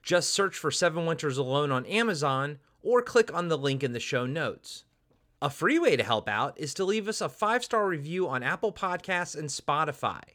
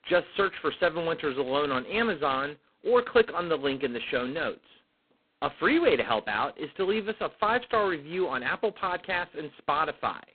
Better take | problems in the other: first | phone-call audio; poor line; nothing above 4 kHz

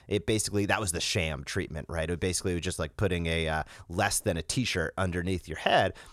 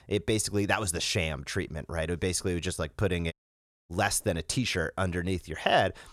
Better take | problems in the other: first | audio cutting out; at 3.5 s for 0.5 s

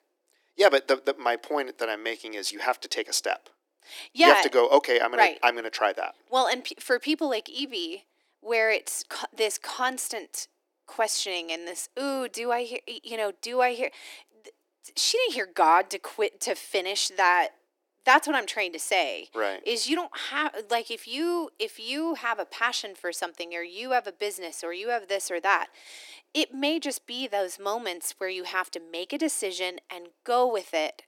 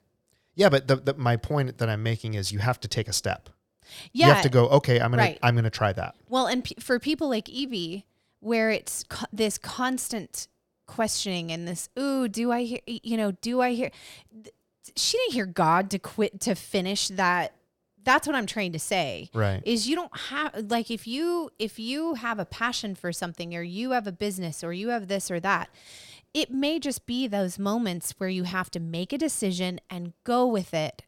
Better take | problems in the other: second | thin; somewhat; fading below 300 Hz

